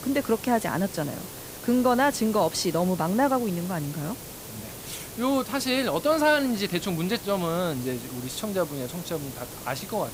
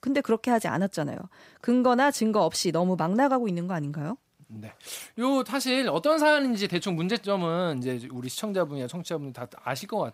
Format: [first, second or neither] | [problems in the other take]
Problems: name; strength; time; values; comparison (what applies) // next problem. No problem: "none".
second | hiss; noticeable; throughout; 10 dB below the speech